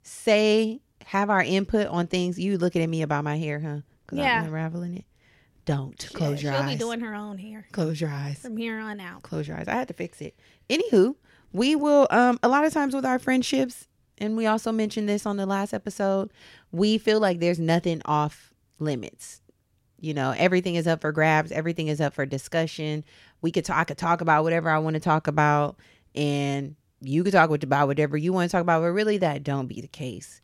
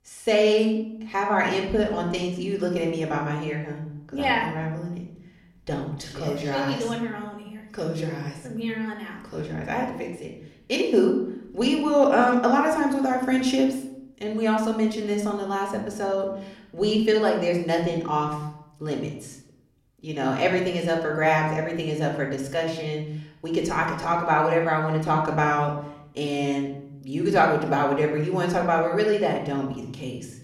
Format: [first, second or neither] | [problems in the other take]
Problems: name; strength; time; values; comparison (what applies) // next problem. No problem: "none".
first | off-mic speech; somewhat distant // room echo; slight; dies away in 0.6 s